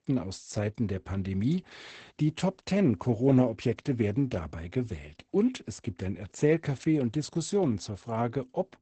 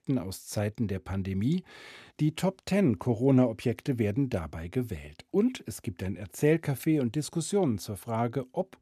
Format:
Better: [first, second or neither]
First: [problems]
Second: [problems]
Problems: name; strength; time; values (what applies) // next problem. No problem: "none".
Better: second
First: garbled, watery; badly; nothing above 8 kHz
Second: none